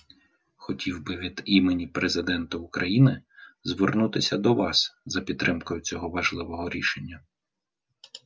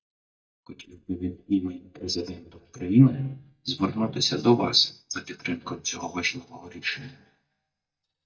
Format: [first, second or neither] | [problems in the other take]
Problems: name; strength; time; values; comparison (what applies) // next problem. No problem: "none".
first | noise reduction (neural mask model DeepFilterNet 3)